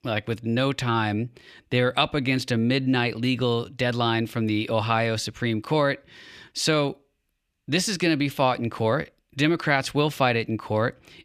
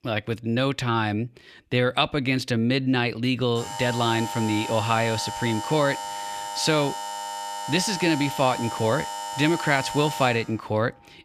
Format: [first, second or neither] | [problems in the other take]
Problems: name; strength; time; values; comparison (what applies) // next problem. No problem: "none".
first | alarm; noticeable; from 3.5 to 11 s; peak 7 dB below the speech